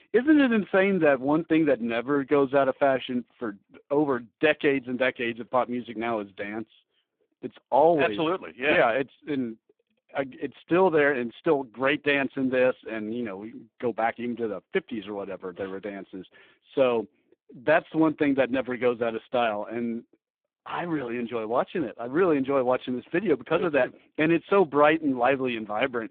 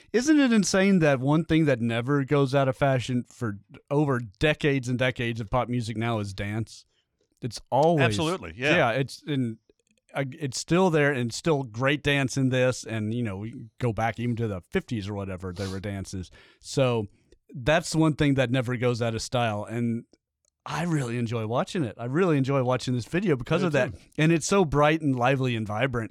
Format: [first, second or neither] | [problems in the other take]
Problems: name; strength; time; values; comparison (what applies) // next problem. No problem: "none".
second | phone-call audio; poor line